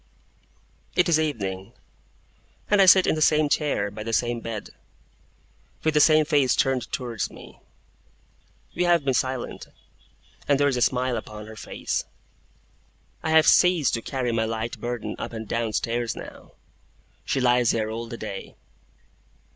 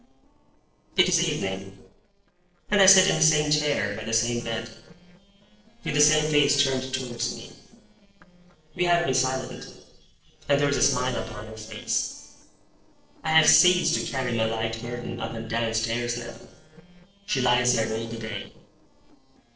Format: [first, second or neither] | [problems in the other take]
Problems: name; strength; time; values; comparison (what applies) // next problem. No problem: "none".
first | noise reduction (neural separator model SepFormer DNS4)